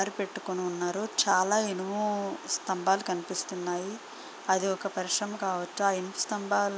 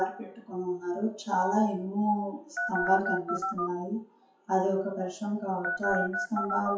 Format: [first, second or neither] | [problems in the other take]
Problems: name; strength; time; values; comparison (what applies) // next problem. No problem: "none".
first | noise reduction (classical method WPE with log-MMSE)